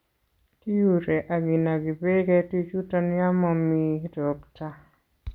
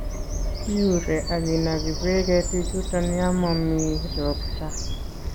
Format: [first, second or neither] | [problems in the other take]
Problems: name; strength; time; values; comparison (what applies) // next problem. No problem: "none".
first | background sound (Bird vocalization, bird call, bird song); 3 dB below the speech